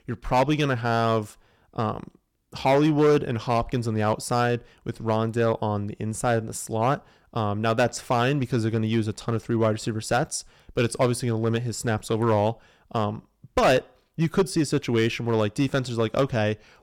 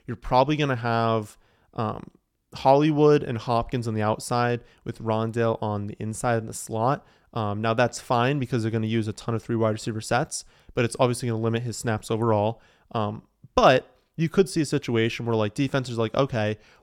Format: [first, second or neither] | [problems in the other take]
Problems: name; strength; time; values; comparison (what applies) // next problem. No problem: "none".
second | distortion; slight; 3% of the sound clipped